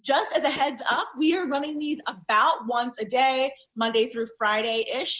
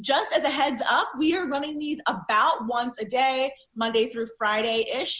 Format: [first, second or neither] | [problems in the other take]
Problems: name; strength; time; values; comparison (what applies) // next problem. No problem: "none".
second | noise reduction (neural mask model DeepFilterNet 3)